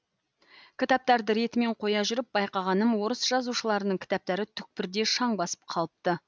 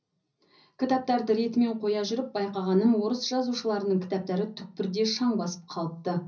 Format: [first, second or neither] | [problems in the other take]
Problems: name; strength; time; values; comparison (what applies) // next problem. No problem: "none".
first | room echo; dies away in 0.5 s